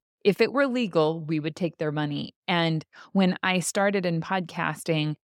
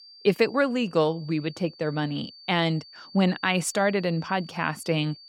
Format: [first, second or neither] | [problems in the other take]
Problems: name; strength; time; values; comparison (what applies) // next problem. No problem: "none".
first | high-pitched whine; faint; throughout; 4.5 kHz, 20 dB below the speech